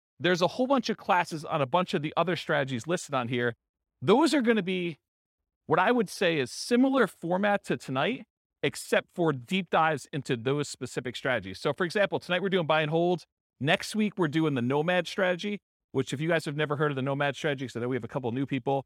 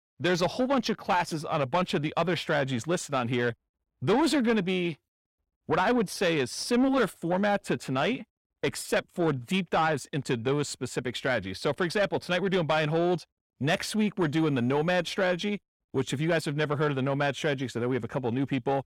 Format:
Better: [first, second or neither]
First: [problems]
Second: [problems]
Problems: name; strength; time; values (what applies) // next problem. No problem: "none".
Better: first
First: none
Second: distortion; slight; 10 dB below the speech